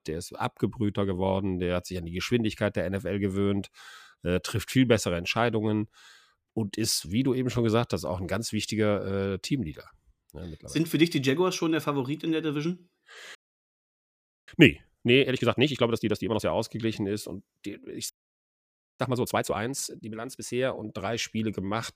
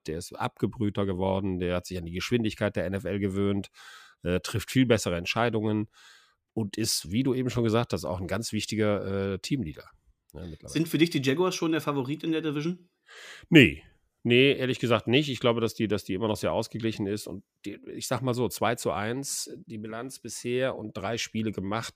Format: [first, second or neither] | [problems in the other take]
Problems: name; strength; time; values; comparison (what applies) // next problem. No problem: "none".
second | audio freezing; at 13 s for 1 s and at 18 s for 1 s